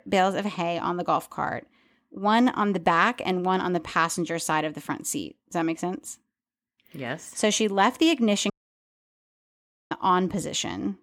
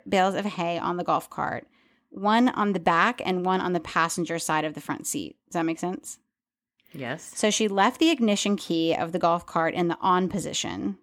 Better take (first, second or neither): second